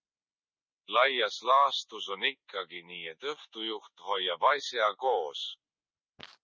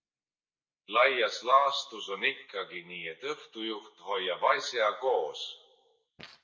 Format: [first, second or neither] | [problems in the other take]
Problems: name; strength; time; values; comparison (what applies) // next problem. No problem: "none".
first | room echo; dies away in 0.6 s